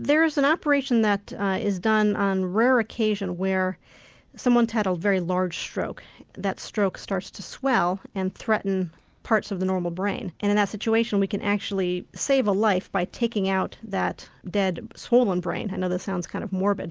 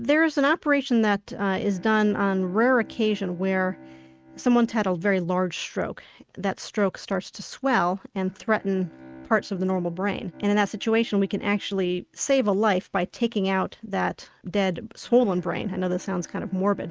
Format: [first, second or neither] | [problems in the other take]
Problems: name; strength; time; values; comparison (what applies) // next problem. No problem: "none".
first | noise reduction (neural mask model RNNoise)